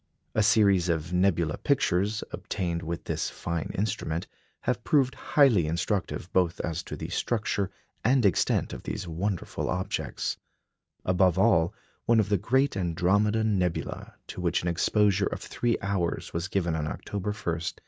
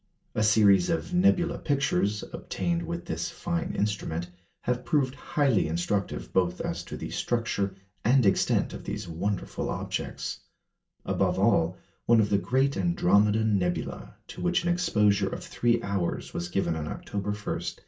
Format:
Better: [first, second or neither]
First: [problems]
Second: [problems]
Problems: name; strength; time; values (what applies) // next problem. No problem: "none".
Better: first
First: none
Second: room echo; dies away in 0.2 s